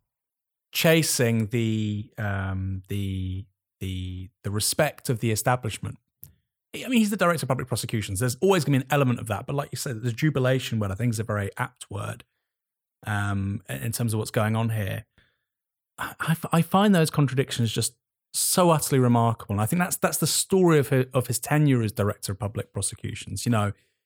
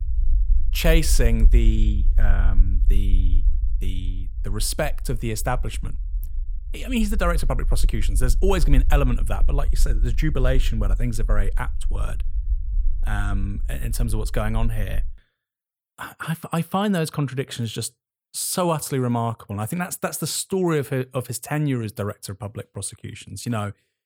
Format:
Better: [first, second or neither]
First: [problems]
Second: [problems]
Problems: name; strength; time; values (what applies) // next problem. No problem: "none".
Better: first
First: none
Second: low rumble; faint; until 15 s; 20 dB below the speech